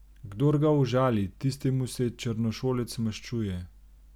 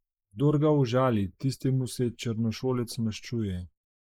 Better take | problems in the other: first | noise reduction (neural mask model Resemble Enhance denoiser)

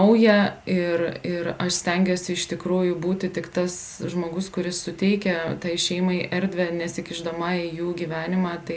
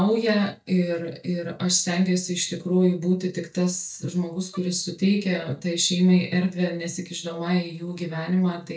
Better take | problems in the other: first | noise reduction (neural mask model DeepFilterNet 3)

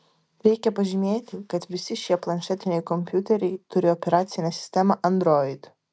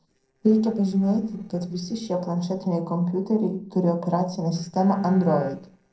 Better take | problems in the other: first | noise reduction (neural separator model SepFormer DNS4)

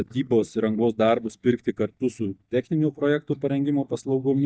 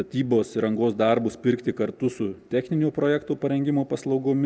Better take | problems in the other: second | noise reduction (neural mask model DeepFilterNet 3)

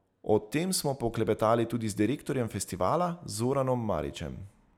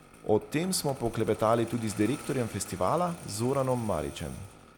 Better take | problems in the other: first | background sound (Engine starting); 17 dB below the speech

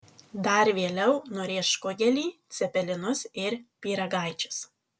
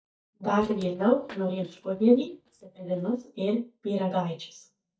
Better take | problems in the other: first | noise reduction (neural mask model DeepFilterNet 3)

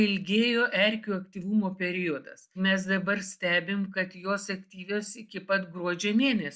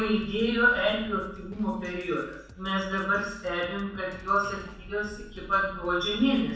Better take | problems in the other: first | background sound (Drum kit); 18 dB below the speech // room echo; dies away in 0.7 s

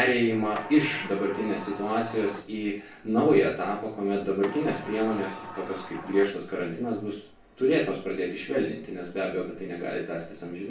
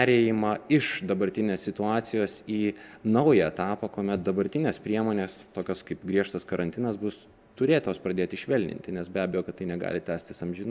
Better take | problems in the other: second | background sound (Sliding door); 14 dB below the speech // room echo; dies away in 0.3 s

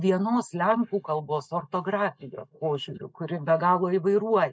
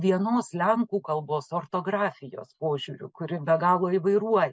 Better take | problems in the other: second | noise reduction (neural mask model Resemble Enhance denoiser)

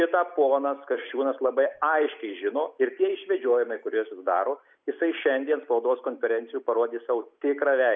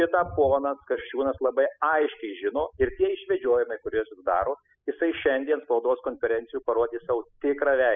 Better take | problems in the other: first | noise reduction (classical method spectral subtraction)

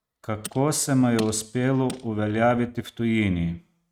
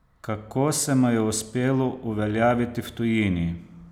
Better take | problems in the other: second | noise reduction (neural mask model RNNoise)

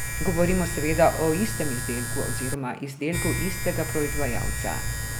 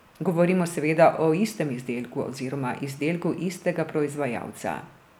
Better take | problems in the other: second | background sound (Domestic sounds, home sounds); 1 dB below the speech

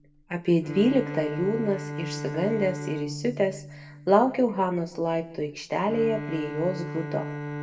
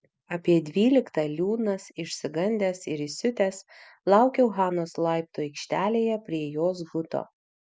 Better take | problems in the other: second | background sound (Bowed string instrument); 9 dB below the speech // room echo; dies away in 0.6 s

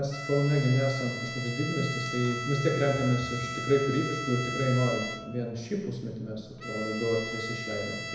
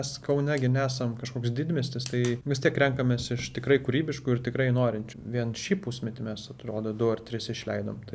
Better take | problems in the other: second | background sound (Bowed string instrument); 8 dB below the speech // room echo; dies away in 1 s

